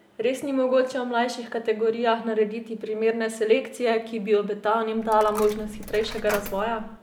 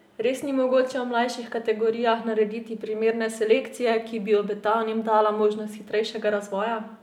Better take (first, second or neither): second